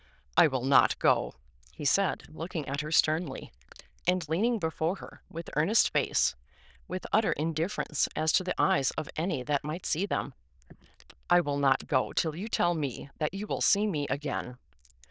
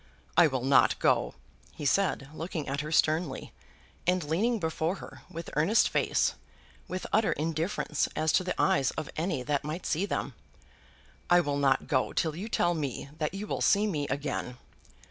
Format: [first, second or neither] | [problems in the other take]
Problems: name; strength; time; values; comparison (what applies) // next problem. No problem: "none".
second | noise reduction (neural diffusion model UNIVERSE++)